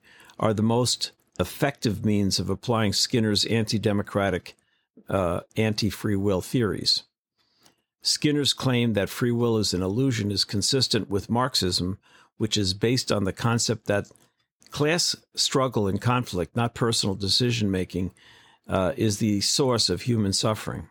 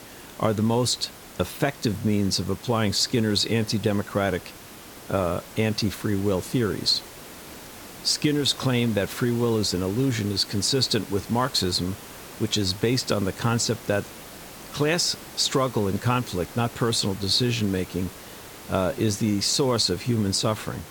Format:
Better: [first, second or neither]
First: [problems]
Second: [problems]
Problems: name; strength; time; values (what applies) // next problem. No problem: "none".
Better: first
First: none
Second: hiss; noticeable; throughout; 15 dB below the speech